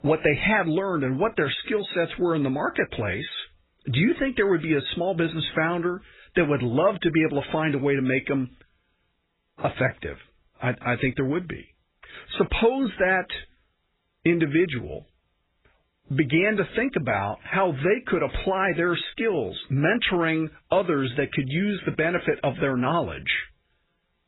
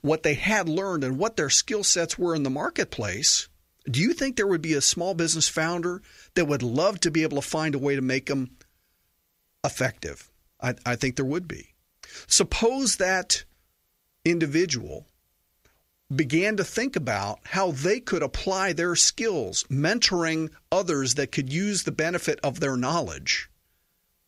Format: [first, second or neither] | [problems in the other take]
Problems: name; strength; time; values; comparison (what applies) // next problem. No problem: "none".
second | garbled, watery; badly; nothing above 4 kHz